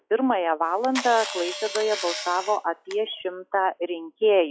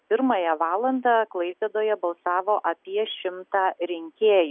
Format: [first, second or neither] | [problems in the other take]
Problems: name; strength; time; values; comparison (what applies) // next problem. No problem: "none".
second | noise reduction (classical method log-MMSE)